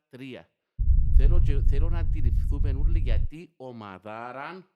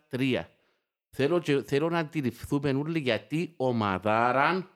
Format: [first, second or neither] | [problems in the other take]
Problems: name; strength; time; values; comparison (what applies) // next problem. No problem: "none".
second | low rumble; loud; from 1 to 3.5 s; 5 dB below the speech